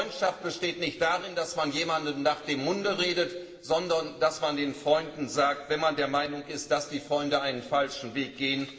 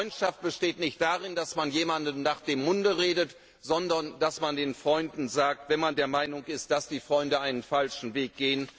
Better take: second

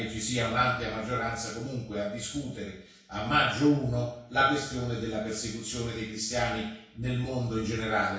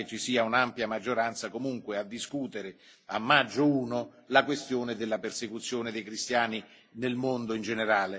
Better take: second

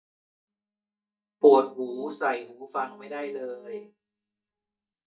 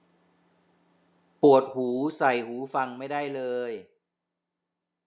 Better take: second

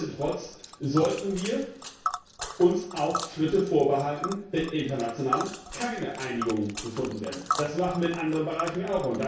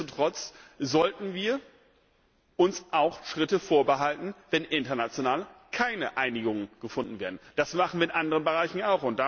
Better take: second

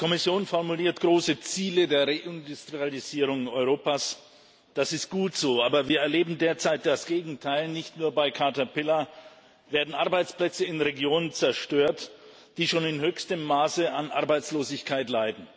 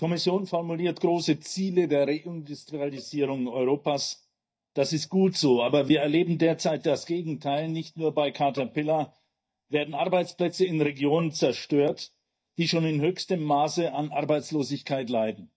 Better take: first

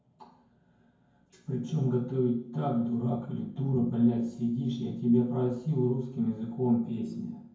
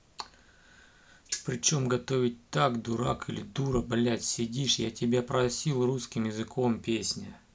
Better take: second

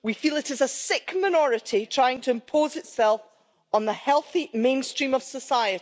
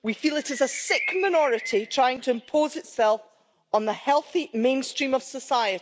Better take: first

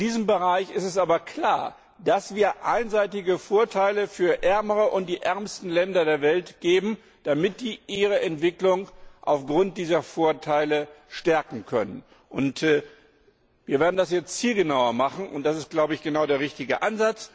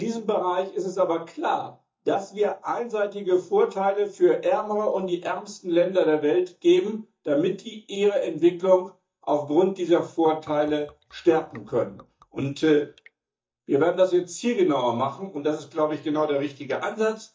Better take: first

